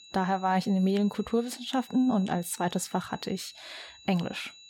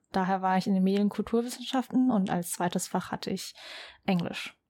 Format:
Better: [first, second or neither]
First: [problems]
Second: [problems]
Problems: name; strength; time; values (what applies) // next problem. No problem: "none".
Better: second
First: high-pitched whine; faint; throughout; 4 kHz, 20 dB below the speech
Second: none